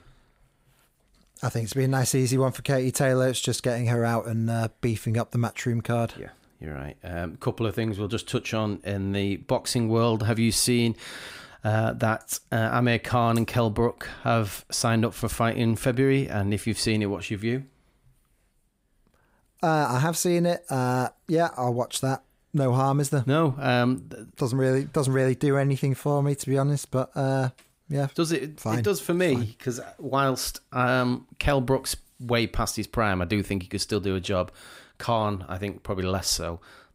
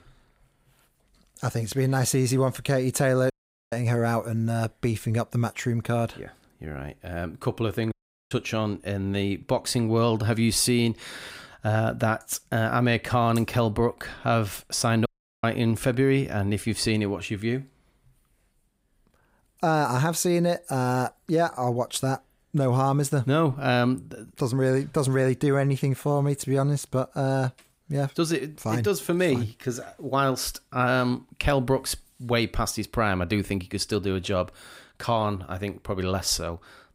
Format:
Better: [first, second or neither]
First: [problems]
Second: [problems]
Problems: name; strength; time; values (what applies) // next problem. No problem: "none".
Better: first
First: none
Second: audio cutting out; at 3.5 s, at 8 s and at 15 s